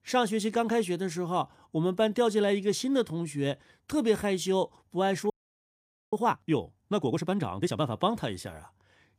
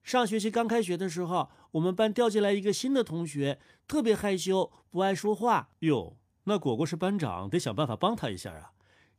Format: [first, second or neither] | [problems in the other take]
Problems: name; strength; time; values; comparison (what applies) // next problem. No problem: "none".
second | audio freezing; at 5.5 s for 1 s